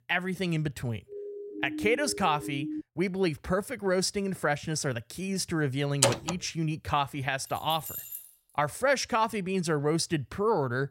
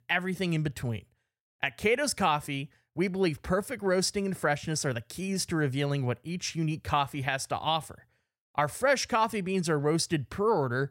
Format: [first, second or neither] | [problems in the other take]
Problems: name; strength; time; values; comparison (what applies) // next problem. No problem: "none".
second | siren; noticeable; from 1 to 3 s; peak 6 dB below the speech // door banging; loud; at 6 s; peak 4 dB above the speech // jangling keys; noticeable; at 7.5 s; peak 7 dB below the speech